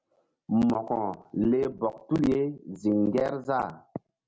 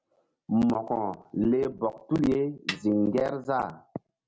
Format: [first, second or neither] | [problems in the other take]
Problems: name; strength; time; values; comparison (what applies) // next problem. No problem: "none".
first | background sound (Snare drum); 12 dB below the speech